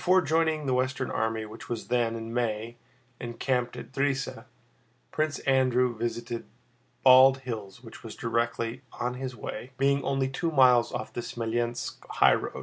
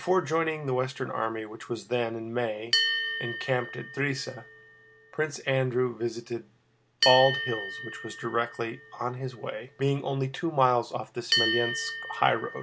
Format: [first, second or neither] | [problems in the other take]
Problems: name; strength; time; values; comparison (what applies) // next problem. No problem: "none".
first | background sound (Bell); 5 dB below the speech